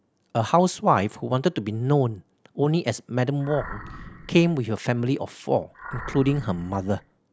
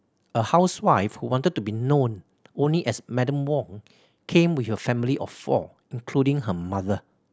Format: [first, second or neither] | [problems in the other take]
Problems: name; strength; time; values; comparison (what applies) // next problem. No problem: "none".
second | background sound (Animal); 15 dB below the speech